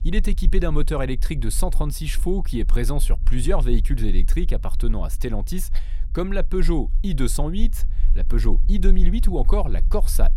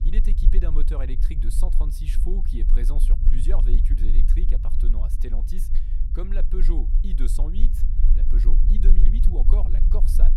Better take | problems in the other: first | low rumble; loud; throughout; 5 dB below the speech; faint in the first

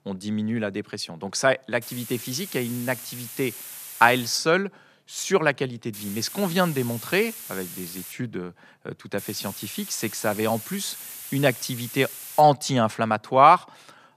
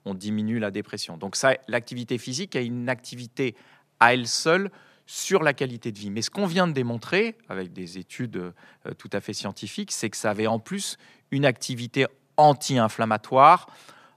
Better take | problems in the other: second | hiss; noticeable; from 2 to 4.5 s, from 6 to 8 s and from 9 to 12 s; 10 dB below the speech

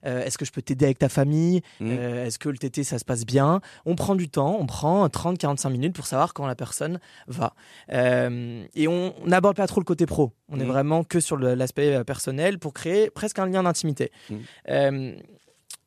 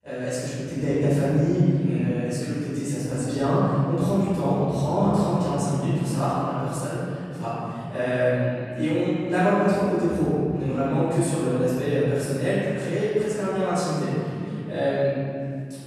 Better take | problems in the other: first | off-mic speech; far // room echo; strong; dies away in 2.7 s

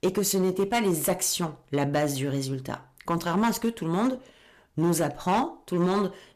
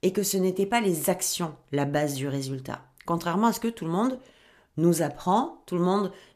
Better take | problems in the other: second | distortion; slight; 6% of the sound clipped

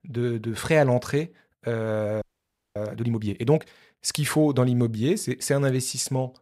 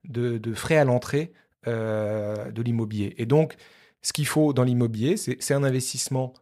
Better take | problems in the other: second | audio freezing; at 2 s for 0.5 s

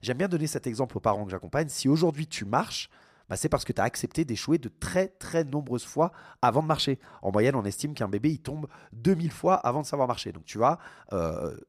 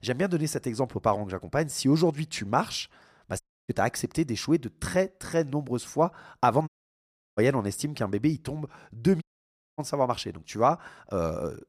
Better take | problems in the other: first | audio cutting out; at 3.5 s, at 6.5 s for 0.5 s and at 9 s for 0.5 s

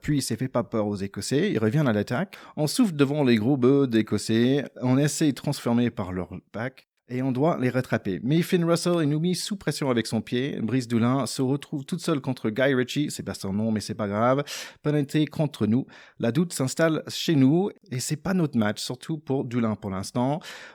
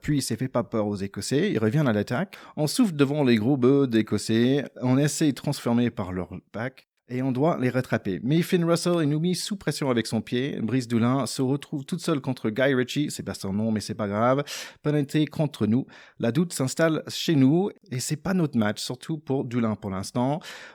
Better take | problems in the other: neither | none

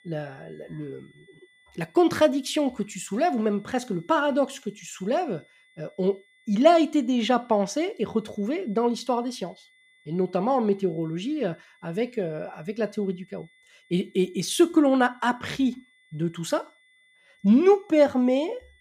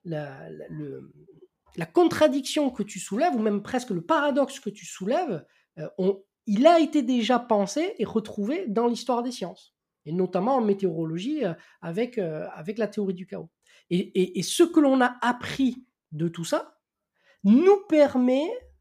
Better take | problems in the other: second | high-pitched whine; faint; throughout; 2 kHz, 35 dB below the speech

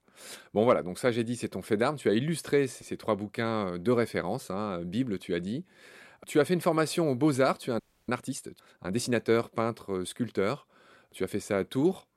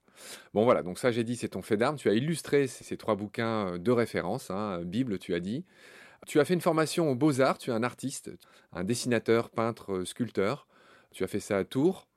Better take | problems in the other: second | audio freezing; at 8 s

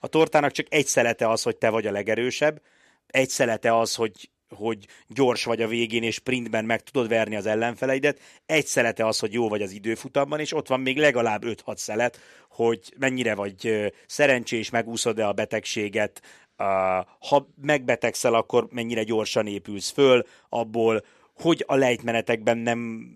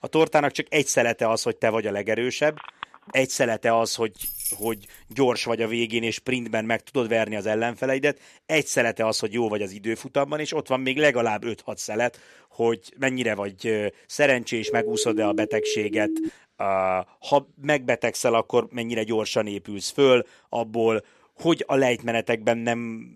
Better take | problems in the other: first | phone ringing; faint; at 2.5 s; peak 15 dB below the speech // jangling keys; noticeable; at 4 s; peak 3 dB below the speech // siren; noticeable; from 15 to 16 s; peak 3 dB below the speech

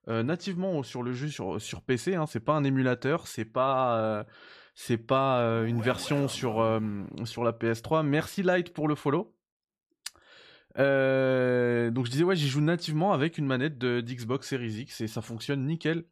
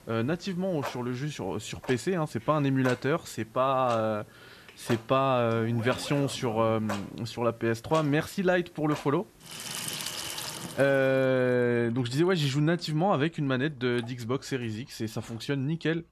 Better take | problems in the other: first | household noises; noticeable; throughout; 10 dB below the speech

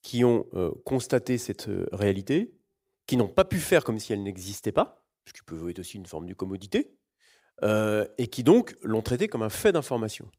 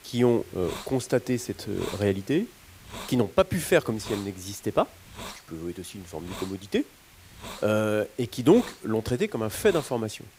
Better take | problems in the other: first | hiss; noticeable; throughout; 15 dB below the speech

